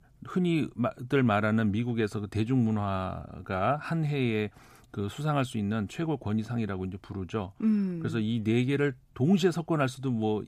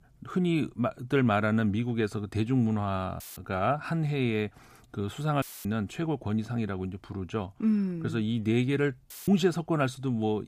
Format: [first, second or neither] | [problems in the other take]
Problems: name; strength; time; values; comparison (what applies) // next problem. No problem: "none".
first | audio cutting out; filled with static; at 3 s, at 5.5 s and at 9 s